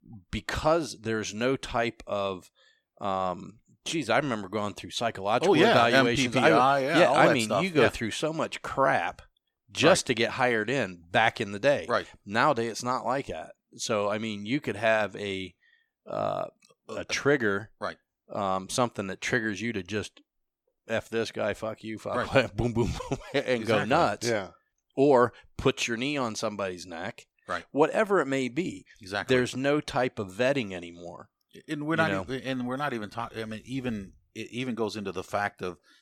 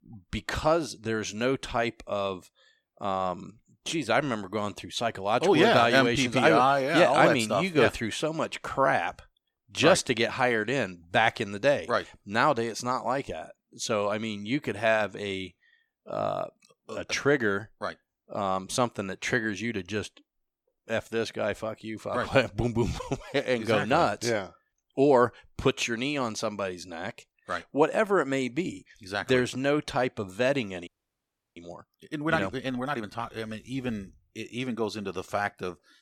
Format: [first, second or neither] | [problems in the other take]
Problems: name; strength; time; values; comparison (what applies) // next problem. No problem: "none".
first | audio freezing; at 31 s for 0.5 s